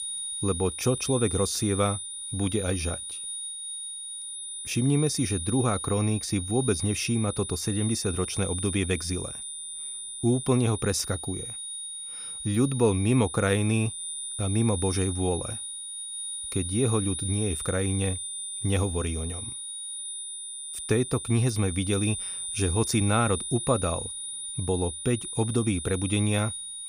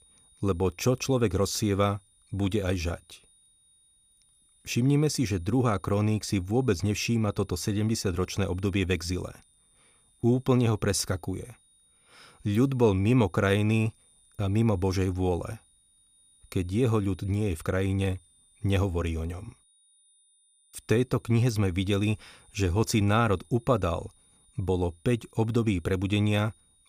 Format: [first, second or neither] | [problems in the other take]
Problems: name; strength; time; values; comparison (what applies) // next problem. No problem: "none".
second | high-pitched whine; loud; throughout; 9.5 kHz, 5 dB below the speech; faint in the second